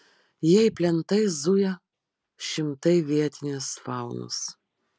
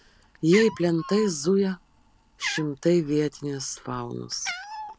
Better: first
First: none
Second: background sound (Cat); 13 dB below the speech

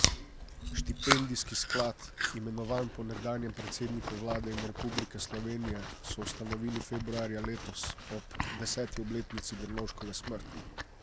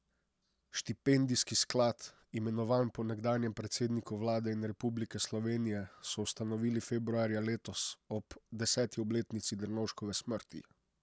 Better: second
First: background sound (Chewing, mastication); as loud as the speech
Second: none

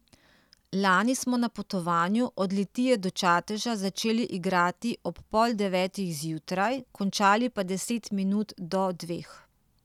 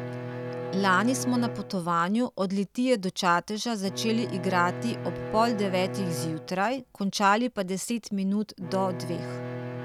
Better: first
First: none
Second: background sound (Bowed string instrument); 9 dB below the speech

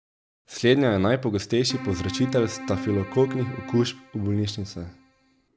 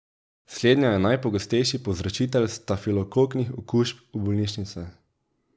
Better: second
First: background sound (Keyboard (musical)); 11 dB below the speech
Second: none

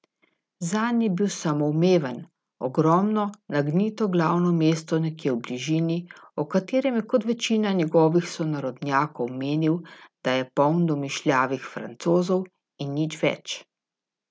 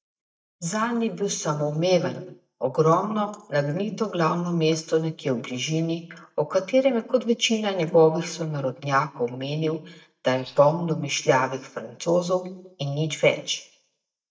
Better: first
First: none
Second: noise reduction (neural mask model DeepFilterNet 3)

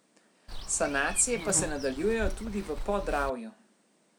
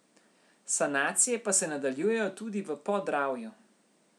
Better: second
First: background sound (Walk, footsteps / Insect); 5 dB below the speech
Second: none

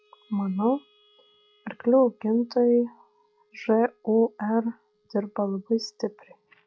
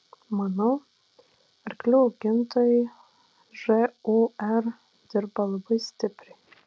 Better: second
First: noise reduction (classical method log-MMSE)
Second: none

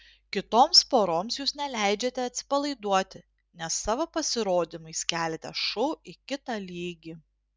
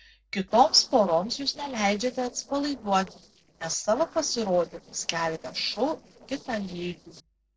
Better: first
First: none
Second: noise reduction (neural separator model SepFormer DNS4)

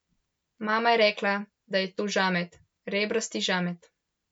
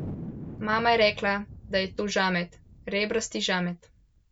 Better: first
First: none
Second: background sound (Thunder); 14 dB below the speech

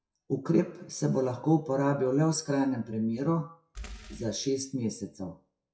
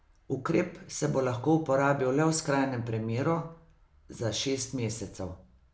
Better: second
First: noise reduction (classical method WPE with log-MMSE)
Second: none

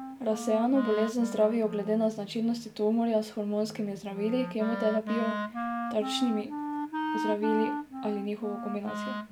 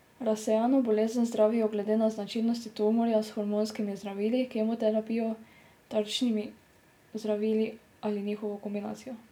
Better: second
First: background sound (Wind instrument, woodwind instrument); 6 dB below the speech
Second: none

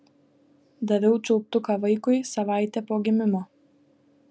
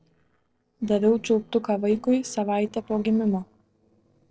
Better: first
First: none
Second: noise reduction (neural separator model SepFormer DNS4)

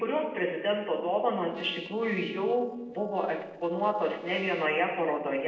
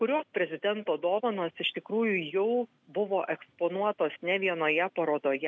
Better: second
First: noise reduction (neural separator model SepFormer DNS4)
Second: none

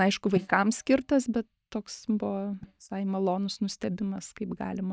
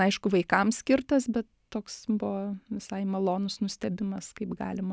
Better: second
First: noise reduction (neural mask model DeepFilterNet 3)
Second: none

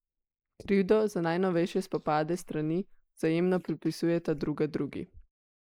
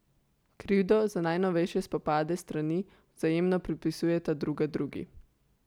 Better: second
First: noise reduction (neural mask model Resemble Enhance denoiser)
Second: none

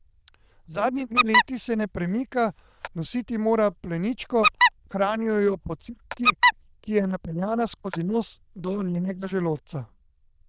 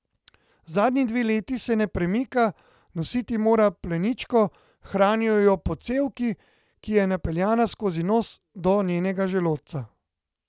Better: second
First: noise reduction (neural diffusion model UNIVERSE++)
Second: none

